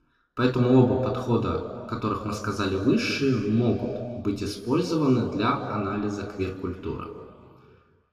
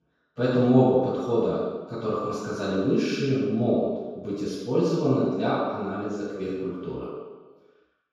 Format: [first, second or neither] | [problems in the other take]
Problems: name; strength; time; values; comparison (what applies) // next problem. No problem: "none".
first | room echo; strong; dies away in 1.2 s; slight in the first // off-mic speech; far; somewhat distant in the first